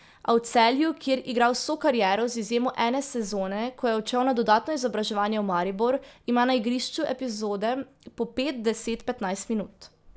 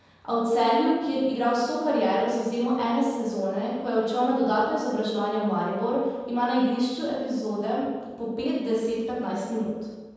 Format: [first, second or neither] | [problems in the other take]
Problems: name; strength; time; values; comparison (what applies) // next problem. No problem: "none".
first | room echo; dies away in 1.2 s